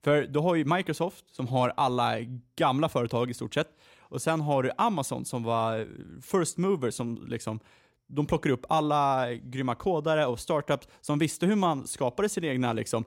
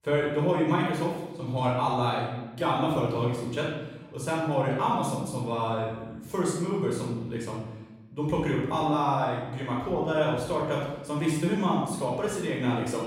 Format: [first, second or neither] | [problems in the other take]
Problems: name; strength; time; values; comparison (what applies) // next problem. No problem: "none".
first | off-mic speech; far // room echo; noticeable; dies away in 1 s